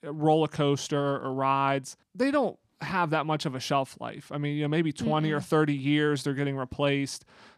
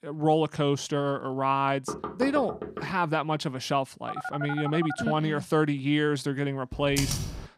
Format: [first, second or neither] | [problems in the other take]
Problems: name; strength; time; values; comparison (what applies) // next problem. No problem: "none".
first | door banging; noticeable; from 2 to 3 s; peak 7 dB below the speech // phone ringing; noticeable; from 4 to 5 s; peak 7 dB below the speech // keyboard typing; noticeable; at 6.5 s; peak 2 dB below the speech